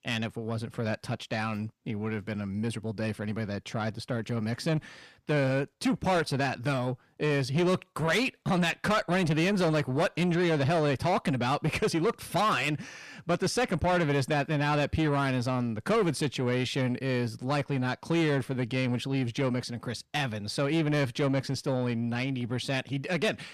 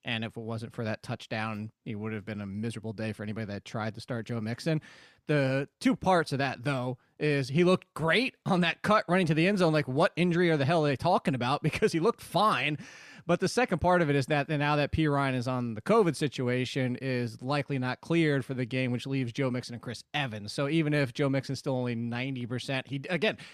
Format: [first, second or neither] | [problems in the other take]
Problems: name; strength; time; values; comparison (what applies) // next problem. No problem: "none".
second | distortion; slight; 10 dB below the speech